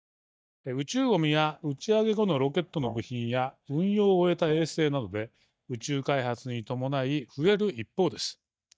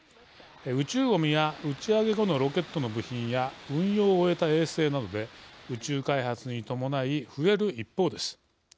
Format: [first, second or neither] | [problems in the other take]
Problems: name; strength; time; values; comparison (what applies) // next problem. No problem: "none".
second | noise reduction (neural mask model DeepFilterNet 3)